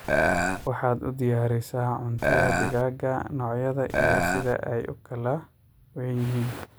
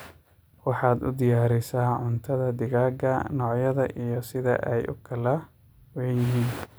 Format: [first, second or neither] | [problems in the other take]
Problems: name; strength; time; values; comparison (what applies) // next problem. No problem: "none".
second | background sound (Burping, eructation); 4 dB above the speech